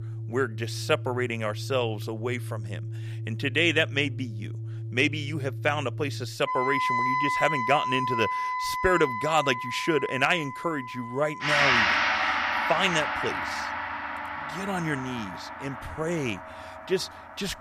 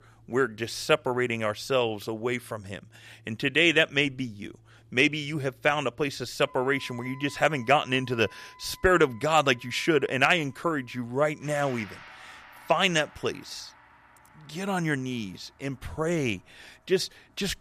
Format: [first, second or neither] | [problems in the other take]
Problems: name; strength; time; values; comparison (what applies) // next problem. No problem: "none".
second | background music; loud; throughout; 1 dB below the speech; faint in the second